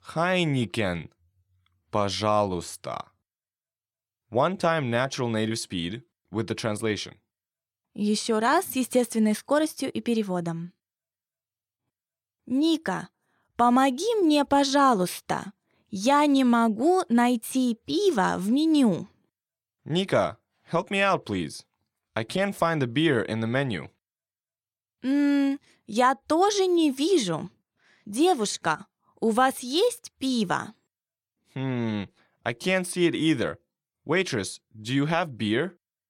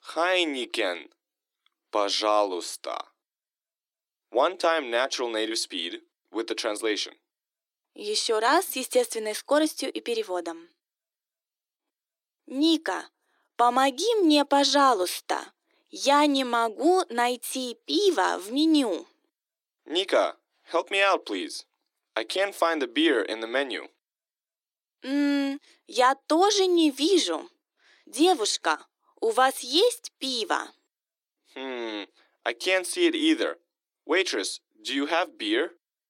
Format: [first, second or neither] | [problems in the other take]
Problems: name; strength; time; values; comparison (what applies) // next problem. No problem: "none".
first | thin; very slightly; fading below 300 Hz